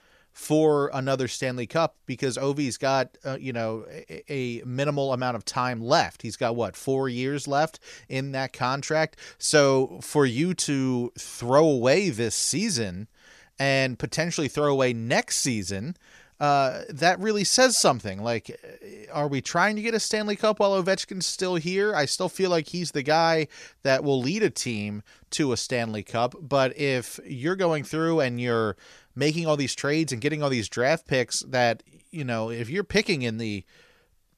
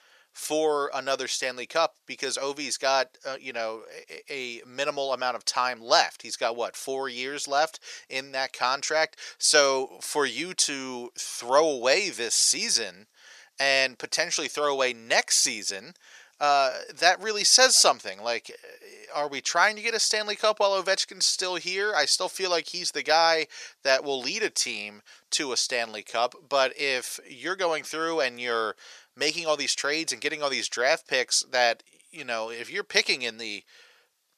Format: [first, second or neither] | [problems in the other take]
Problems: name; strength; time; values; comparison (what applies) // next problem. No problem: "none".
first | thin; very; fading below 600 Hz